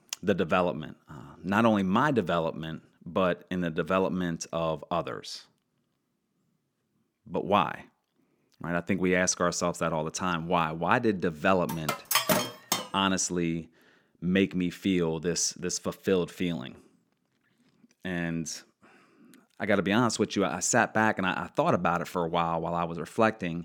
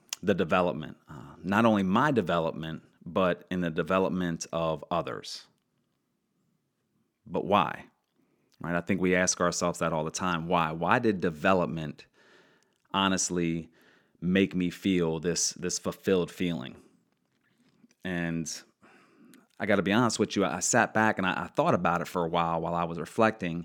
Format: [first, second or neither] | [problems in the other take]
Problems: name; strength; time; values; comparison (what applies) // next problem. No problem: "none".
second | clattering dishes; loud; from 12 to 13 s; peak 4 dB above the speech